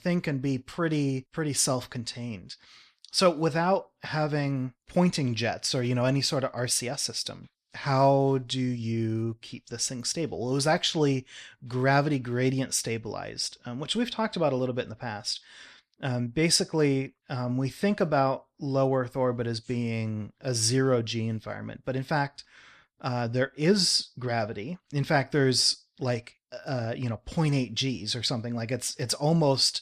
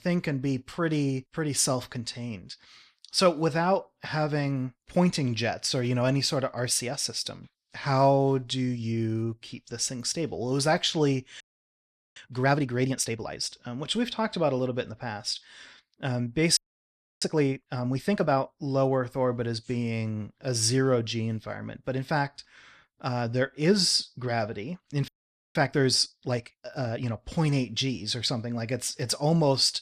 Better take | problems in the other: first | audio freezing; at 11 s for 1 s, at 17 s for 0.5 s and at 25 s

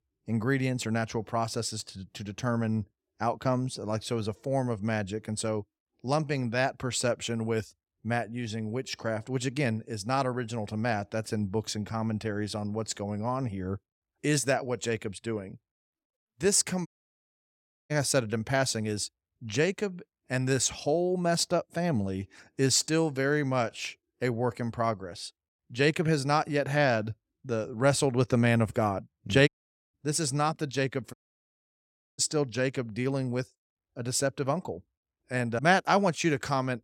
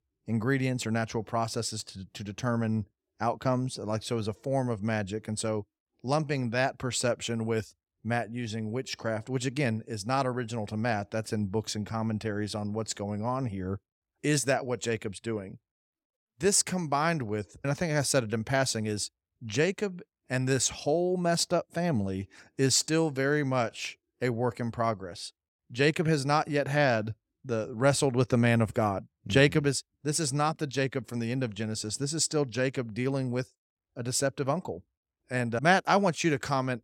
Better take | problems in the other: second | audio cutting out; at 17 s for 1 s, at 29 s and at 31 s for 1 s

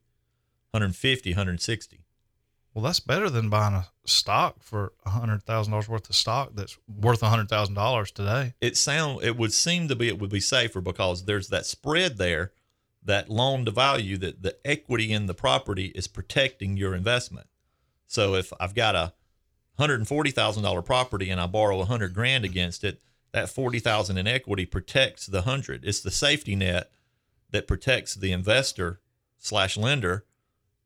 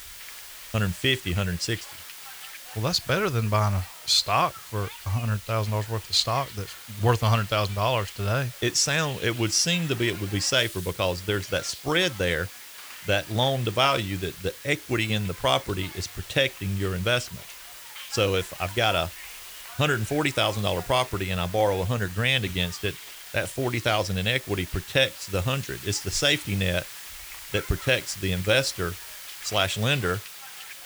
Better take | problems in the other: first | hiss; noticeable; throughout; 15 dB below the speech

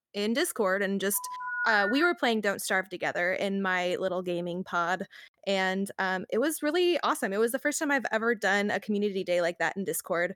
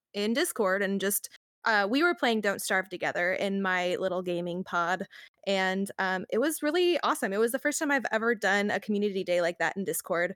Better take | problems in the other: second | phone ringing; noticeable; at 1 s; peak 2 dB below the speech

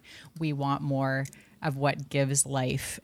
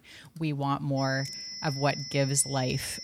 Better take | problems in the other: first | high-pitched whine; loud; from 1 s on; 5.5 kHz, 8 dB below the speech

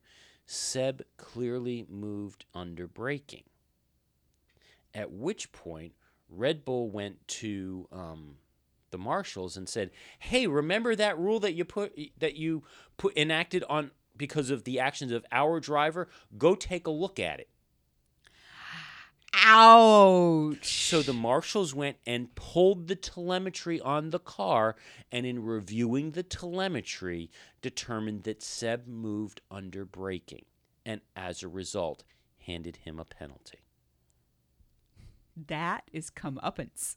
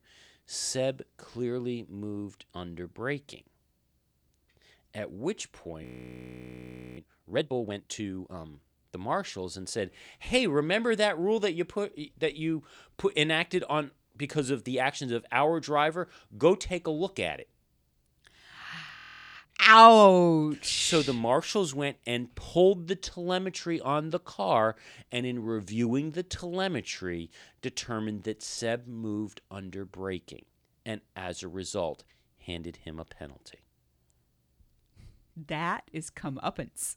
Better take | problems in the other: first | audio freezing; at 6 s for 1 s and at 19 s

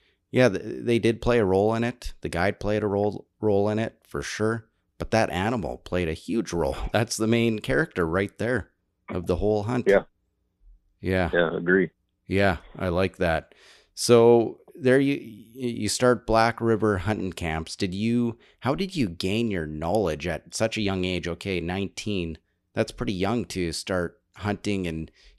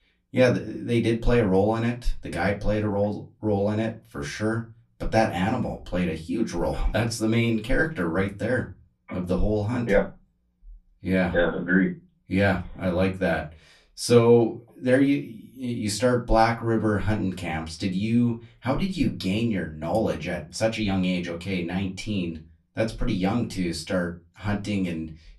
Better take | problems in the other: first | off-mic speech; far // room echo; very slight; dies away in 0.2 s

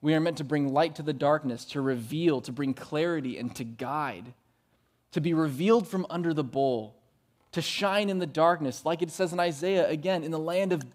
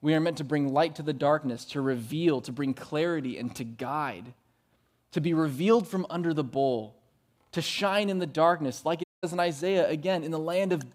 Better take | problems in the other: first | audio cutting out; at 9 s

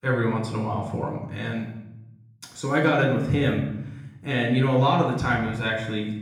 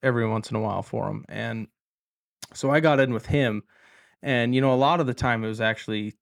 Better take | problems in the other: second | off-mic speech; far // room echo; noticeable; dies away in 0.8 s

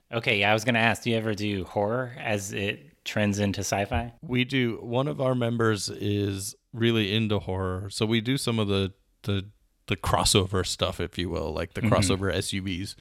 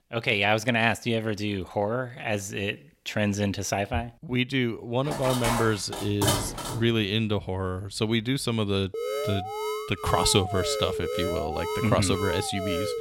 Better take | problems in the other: first | clattering dishes; loud; from 5 to 7 s; peak 1 dB above the speech // alarm; noticeable; from 9 s on; peak 3 dB below the speech

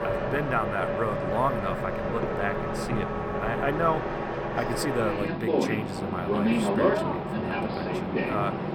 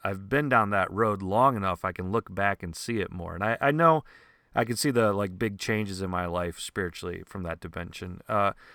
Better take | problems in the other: second | train or aircraft noise; very loud; throughout; 3 dB above the speech

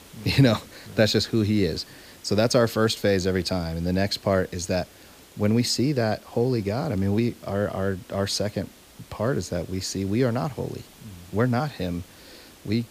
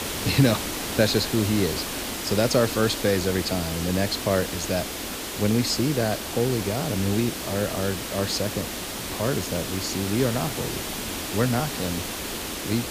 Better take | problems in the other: first | hiss; loud; throughout; 4 dB below the speech; faint in the first

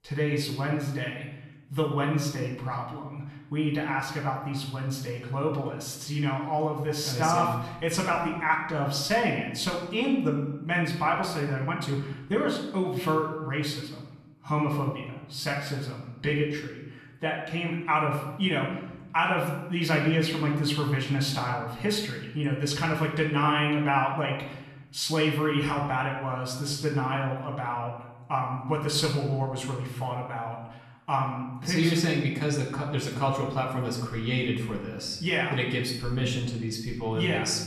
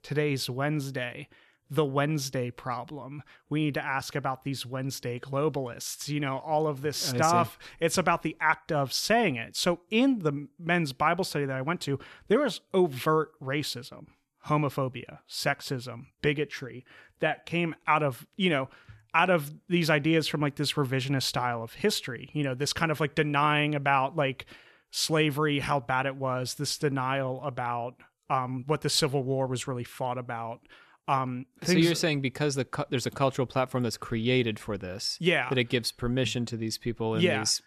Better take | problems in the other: second | off-mic speech; far // room echo; noticeable; dies away in 0.8 s

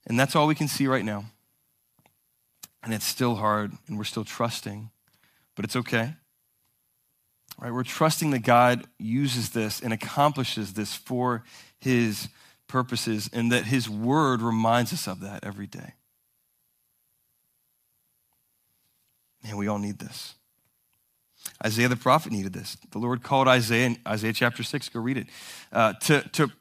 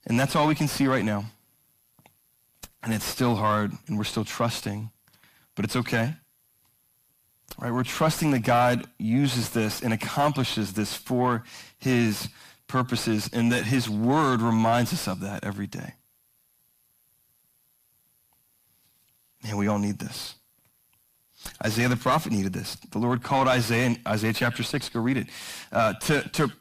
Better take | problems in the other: first | distortion; heavy; 7 dB below the speech

